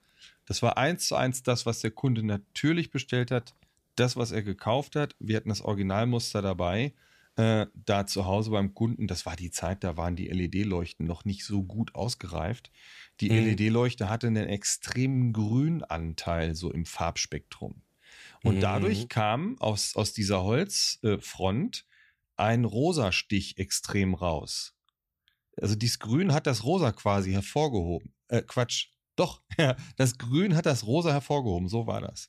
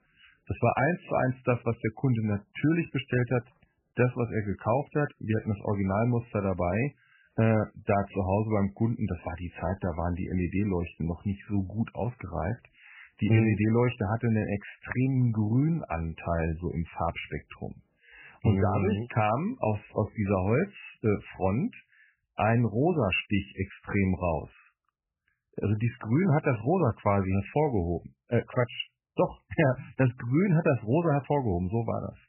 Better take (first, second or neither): first